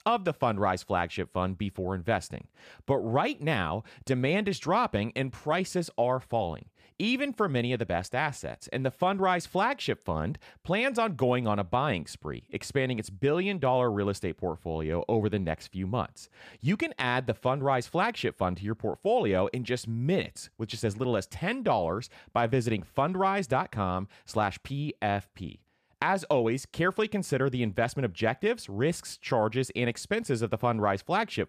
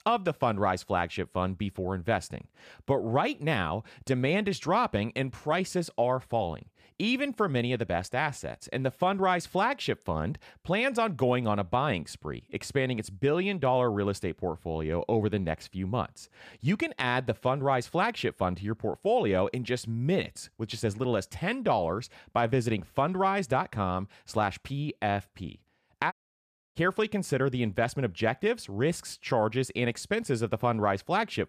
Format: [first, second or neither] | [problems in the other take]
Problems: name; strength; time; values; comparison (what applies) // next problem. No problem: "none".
first | audio cutting out; at 26 s for 0.5 s